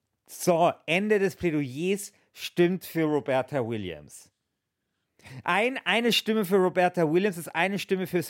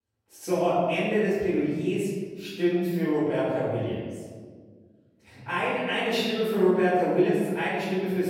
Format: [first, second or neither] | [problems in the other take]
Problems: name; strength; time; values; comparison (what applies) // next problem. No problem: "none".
first | off-mic speech; far // room echo; strong; dies away in 1.6 s